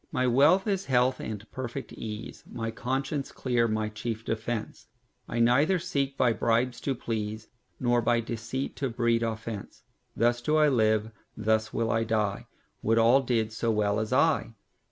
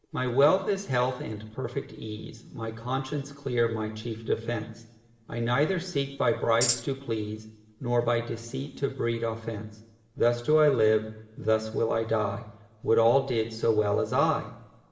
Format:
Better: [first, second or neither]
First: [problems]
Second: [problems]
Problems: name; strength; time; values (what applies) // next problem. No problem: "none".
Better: first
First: none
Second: background sound (Tambourine); 3 dB below the speech // room echo; dies away in 1.1 s